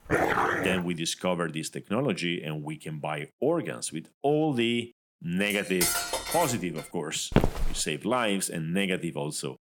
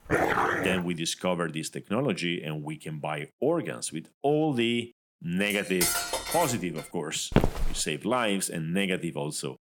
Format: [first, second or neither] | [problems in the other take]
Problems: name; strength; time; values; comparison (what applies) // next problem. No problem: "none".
neither | dog barking; loud; at the start; peak 5 dB above the speech; the same in both // clattering dishes; loud; from 5.5 to 7 s; peak 4 dB above the speech; the same in both // footsteps; loud; at 7.5 s; peak 3 dB above the speech; the same in both